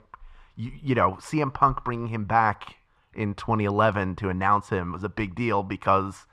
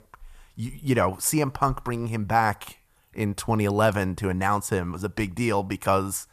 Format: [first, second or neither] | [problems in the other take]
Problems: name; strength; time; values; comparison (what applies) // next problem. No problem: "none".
second | muffled; very; fading above 3 kHz